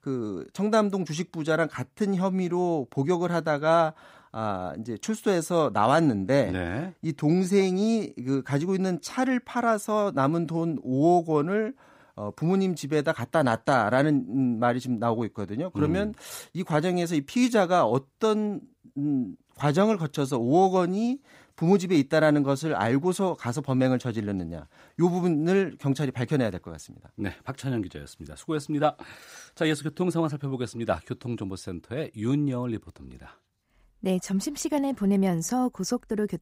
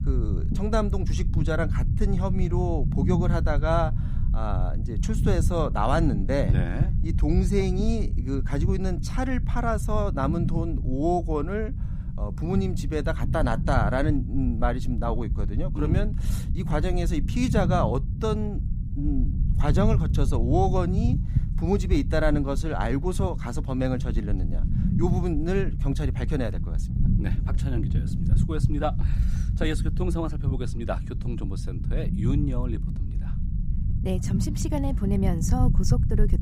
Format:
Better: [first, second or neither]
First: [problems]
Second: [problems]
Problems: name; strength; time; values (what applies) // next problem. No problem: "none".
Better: first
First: none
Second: low rumble; loud; throughout; 10 dB below the speech